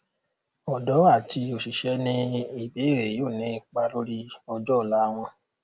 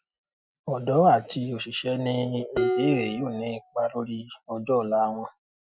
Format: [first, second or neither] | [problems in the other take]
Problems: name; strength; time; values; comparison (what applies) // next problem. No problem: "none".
first | noise reduction (classical method Wiener filter)